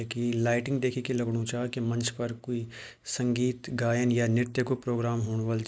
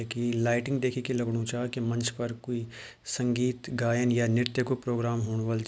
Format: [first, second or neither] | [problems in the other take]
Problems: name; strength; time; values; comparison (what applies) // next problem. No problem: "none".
second | noise reduction (neural mask model Resemble Enhance denoiser)